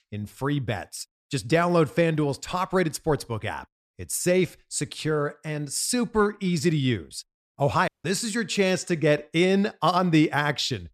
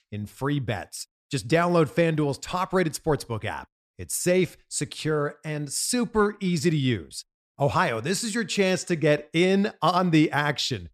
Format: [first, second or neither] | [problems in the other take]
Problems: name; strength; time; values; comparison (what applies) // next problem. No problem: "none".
second | audio cutting out; at 8 s